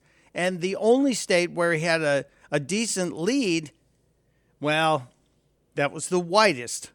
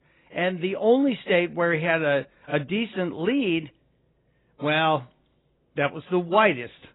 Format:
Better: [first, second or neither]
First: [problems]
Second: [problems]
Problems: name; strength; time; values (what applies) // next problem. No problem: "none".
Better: first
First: none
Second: garbled, watery; badly; nothing above 4 kHz